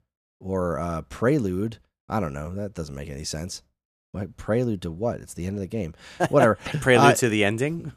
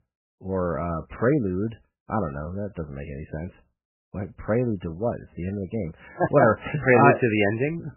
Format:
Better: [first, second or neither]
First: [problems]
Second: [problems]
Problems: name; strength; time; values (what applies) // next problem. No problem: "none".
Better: first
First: none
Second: garbled, watery; badly; nothing above 3 kHz